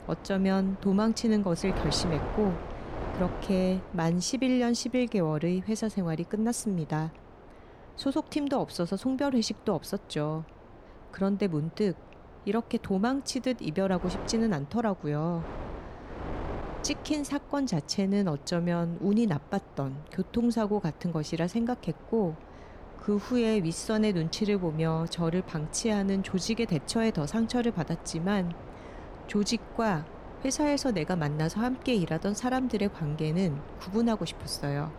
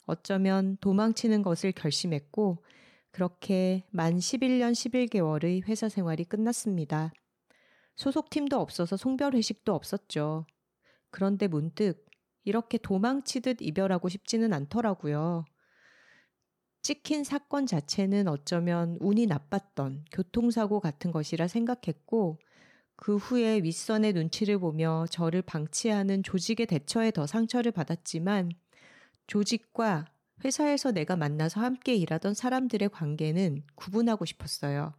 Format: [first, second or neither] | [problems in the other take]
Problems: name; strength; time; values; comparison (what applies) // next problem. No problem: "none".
second | wind noise on the microphone; occasional gusts; 15 dB below the speech